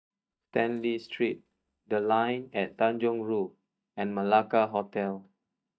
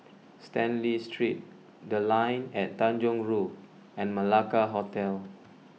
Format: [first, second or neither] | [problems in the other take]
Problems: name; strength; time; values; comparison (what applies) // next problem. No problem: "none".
second | noise reduction (neural mask model DeepFilterNet 3)